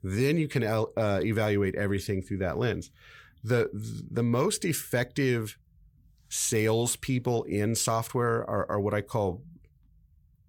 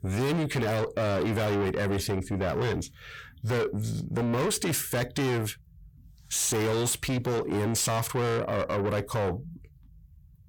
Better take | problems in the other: first | distortion; heavy; 6 dB below the speech

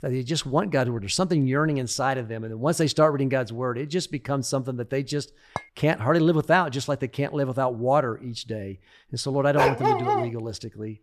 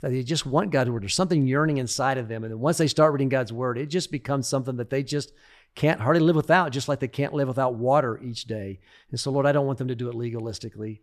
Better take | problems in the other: second | clattering dishes; very faint; at 5.5 s; peak 10 dB below the speech // dog barking; loud; at 9.5 s; peak 3 dB above the speech

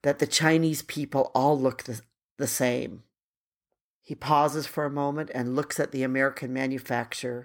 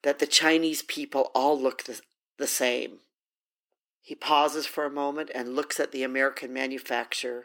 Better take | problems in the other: first | thin; very slightly; fading below 300 Hz

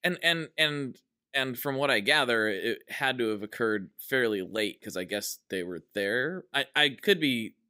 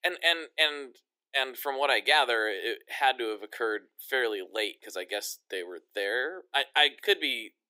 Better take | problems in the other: first | thin; very; fading below 350 Hz

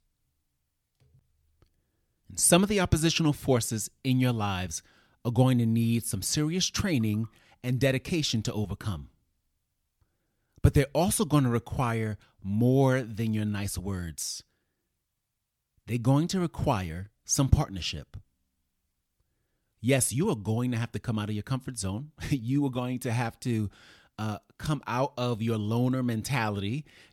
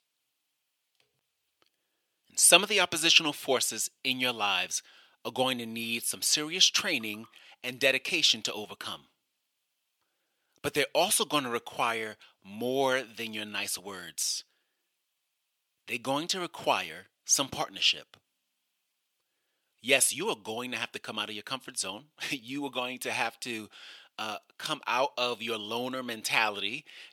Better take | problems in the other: first | thin; very; fading below 500 Hz

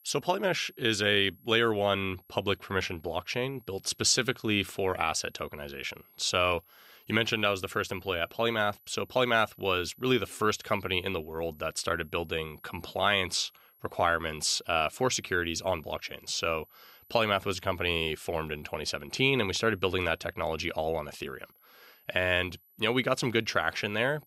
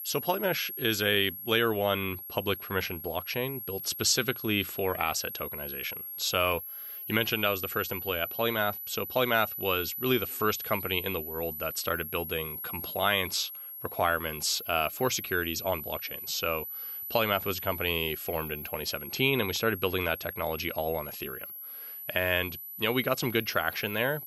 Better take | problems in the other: first | high-pitched whine; loud; throughout; 12 kHz, 7 dB below the speech; faint in the first

